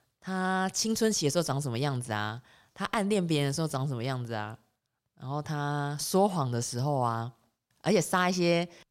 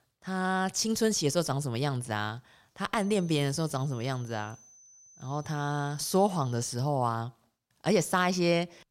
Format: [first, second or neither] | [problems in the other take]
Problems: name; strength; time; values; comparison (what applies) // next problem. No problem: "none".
first | high-pitched whine; faint; from 3 to 6.5 s; 6 kHz, 25 dB below the speech